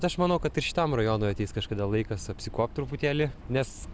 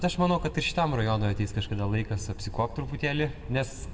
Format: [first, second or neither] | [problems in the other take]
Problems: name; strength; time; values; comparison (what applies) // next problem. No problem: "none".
first | room echo; dies away in 1.1 s